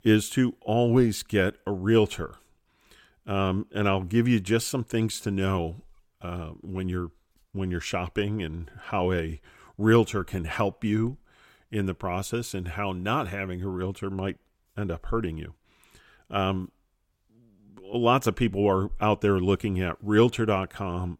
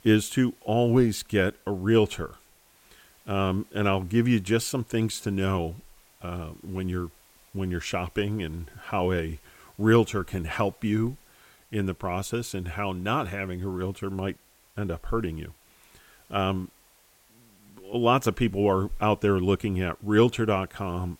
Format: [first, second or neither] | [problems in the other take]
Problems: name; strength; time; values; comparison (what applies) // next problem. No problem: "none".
first | hiss; faint; throughout; 30 dB below the speech